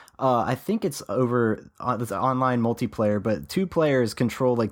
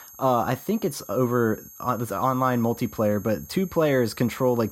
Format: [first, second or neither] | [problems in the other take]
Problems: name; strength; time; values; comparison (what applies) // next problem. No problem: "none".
first | high-pitched whine; noticeable; throughout; 12 kHz, 20 dB below the speech